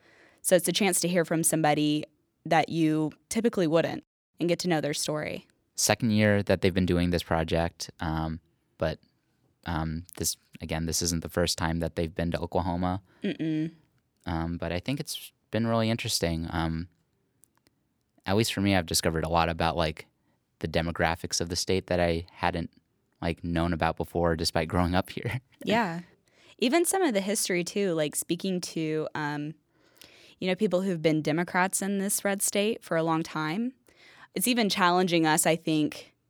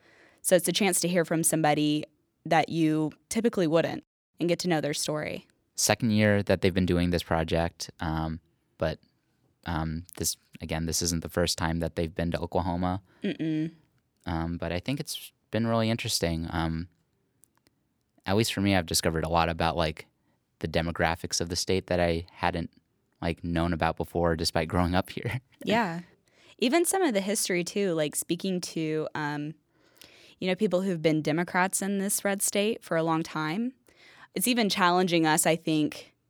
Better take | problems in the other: neither | none

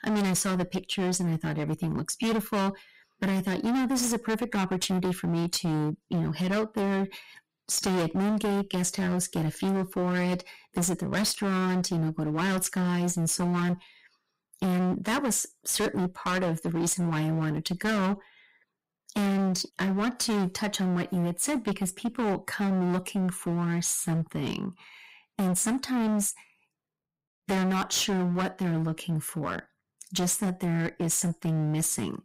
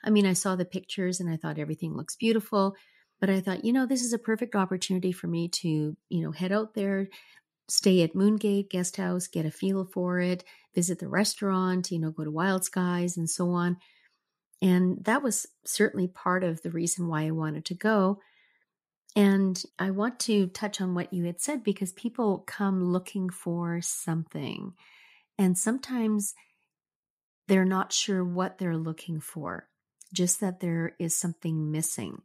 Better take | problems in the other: second | distortion; heavy; 25% of the sound clipped

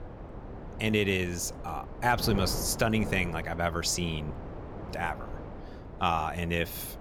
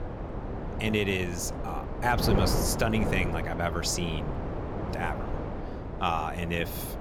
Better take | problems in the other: first | wind noise on the microphone; heavy; 6 dB below the speech; occasional gusts in the first

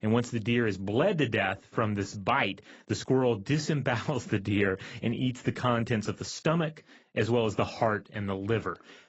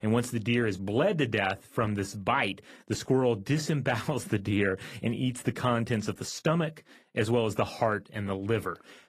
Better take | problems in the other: second | garbled, watery; badly; nothing above 7.5 kHz; slightly in the second

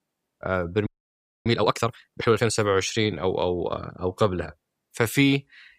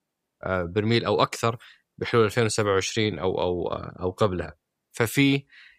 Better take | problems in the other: second | audio freezing; at 1 s for 0.5 s

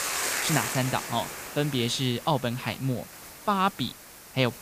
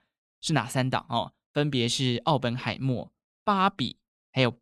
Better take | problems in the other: second | hiss; loud; throughout; 5 dB below the speech

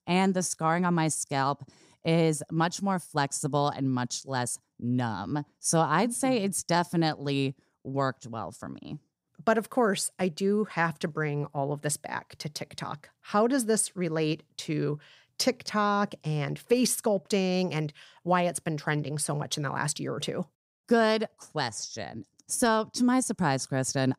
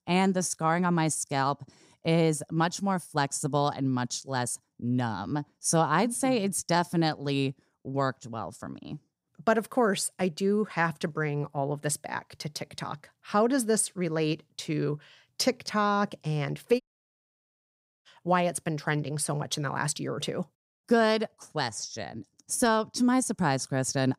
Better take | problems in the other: first | audio cutting out; at 17 s for 1.5 s

